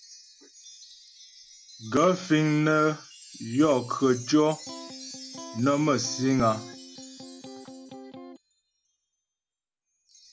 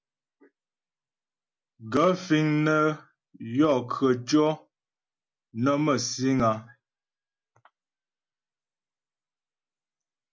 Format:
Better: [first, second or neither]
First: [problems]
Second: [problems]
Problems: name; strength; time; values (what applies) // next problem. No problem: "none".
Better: second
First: background sound (Electric guitar + Wind chime); 17 dB below the speech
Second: none